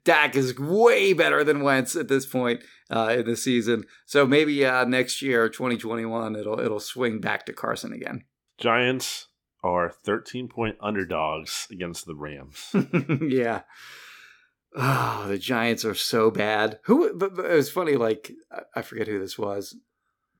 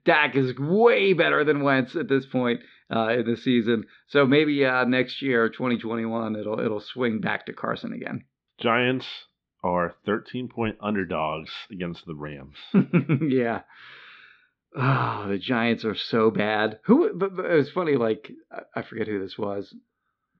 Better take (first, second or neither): first